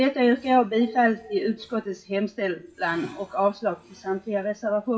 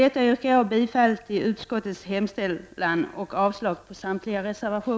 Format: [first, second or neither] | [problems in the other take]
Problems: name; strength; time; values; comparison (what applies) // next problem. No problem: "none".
second | noise reduction (classical method WPE with log-MMSE)